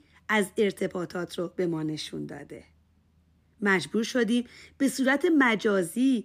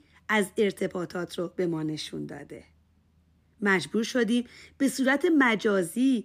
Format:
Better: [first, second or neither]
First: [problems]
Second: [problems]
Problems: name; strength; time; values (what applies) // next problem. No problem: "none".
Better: neither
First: none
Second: none